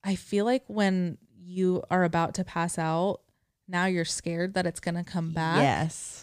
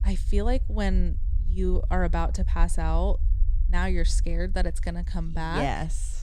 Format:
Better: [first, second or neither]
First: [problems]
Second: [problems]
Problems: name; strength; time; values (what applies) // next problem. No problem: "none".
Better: first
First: none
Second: low rumble; noticeable; throughout; 20 dB below the speech